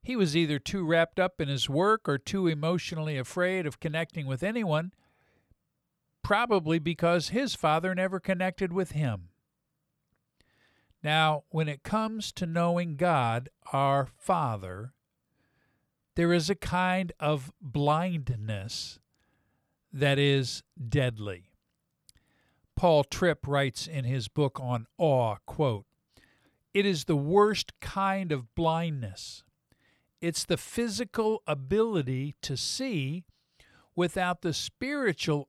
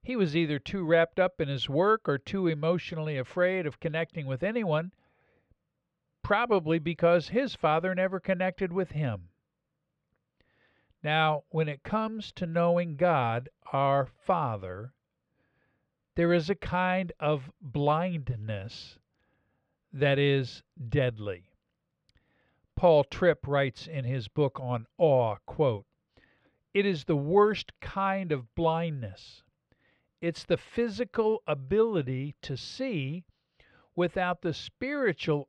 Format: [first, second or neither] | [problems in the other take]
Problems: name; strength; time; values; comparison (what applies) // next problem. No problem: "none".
first | muffled; slightly; fading above 3 kHz